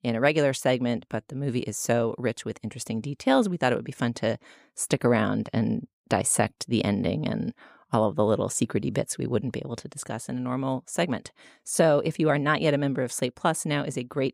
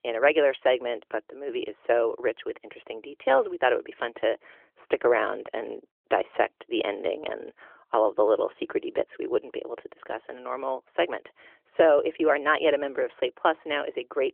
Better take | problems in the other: first | phone-call audio; nothing above 3.5 kHz

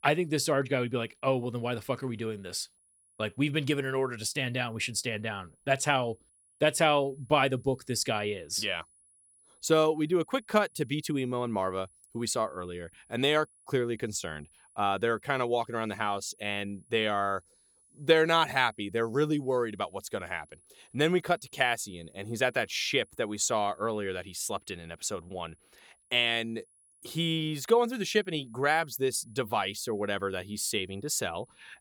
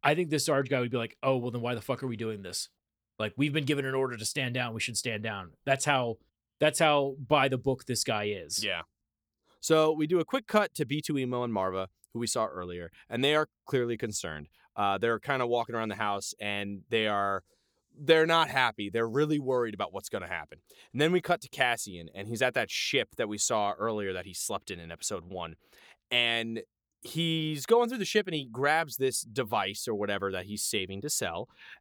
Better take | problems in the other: second | high-pitched whine; faint; throughout; 10 kHz, 30 dB below the speech

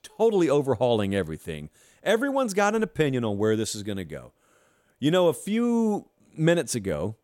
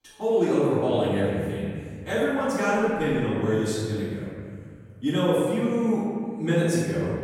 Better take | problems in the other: first | off-mic speech; far // room echo; strong; dies away in 2.2 s

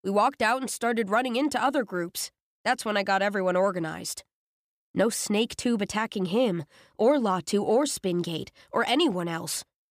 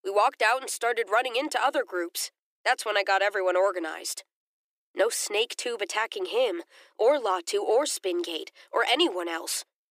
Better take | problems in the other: first | thin; very; fading below 350 Hz

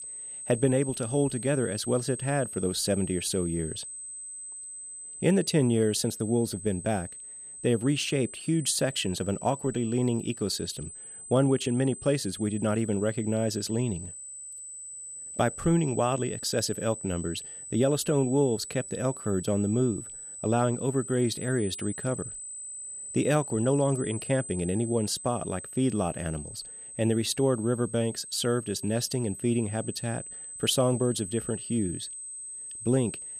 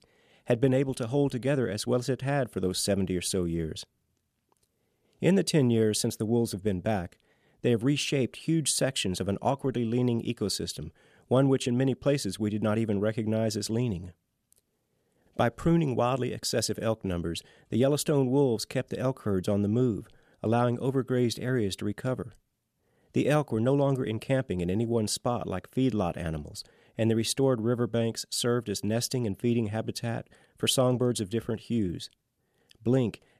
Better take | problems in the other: second | high-pitched whine; loud; throughout; 8 kHz, 10 dB below the speech

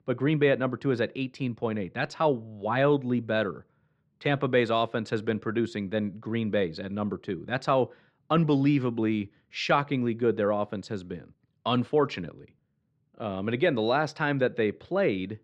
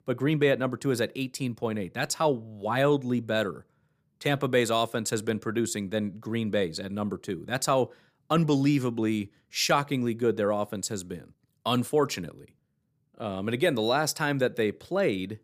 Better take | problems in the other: second | muffled; slightly; fading above 3.5 kHz

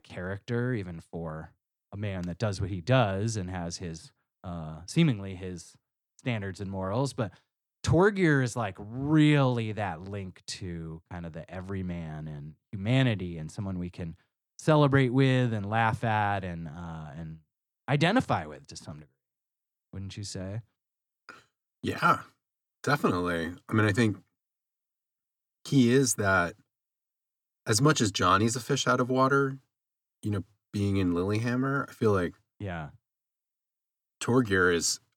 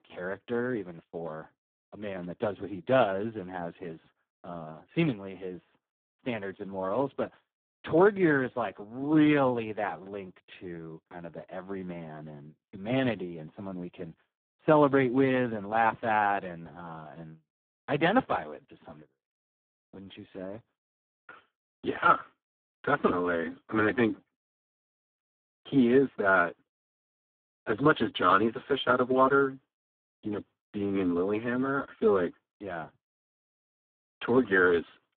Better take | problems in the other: first | phone-call audio; poor line

